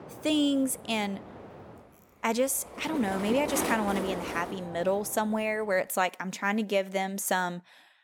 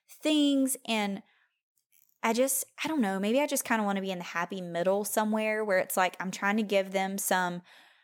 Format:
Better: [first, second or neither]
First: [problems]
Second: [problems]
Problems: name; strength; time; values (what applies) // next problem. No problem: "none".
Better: second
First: train or aircraft noise; loud; until 5.5 s; 9 dB below the speech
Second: none